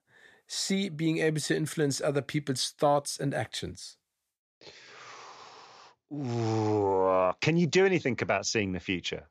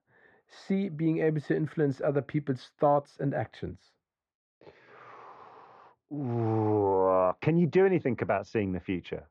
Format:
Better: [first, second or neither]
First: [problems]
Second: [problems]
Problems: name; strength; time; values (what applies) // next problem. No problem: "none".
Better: first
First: none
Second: muffled; very; fading above 4 kHz